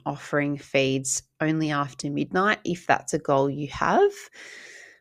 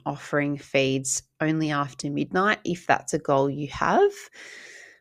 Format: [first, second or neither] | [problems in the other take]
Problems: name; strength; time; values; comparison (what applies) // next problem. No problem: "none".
neither | none